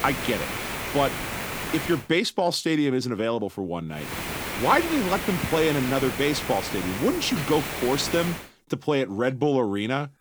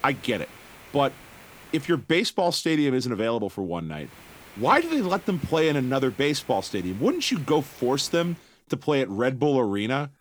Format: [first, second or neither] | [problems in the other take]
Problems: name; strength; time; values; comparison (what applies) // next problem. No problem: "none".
second | hiss; loud; until 2 s and from 4 to 8.5 s; 5 dB below the speech; faint in the second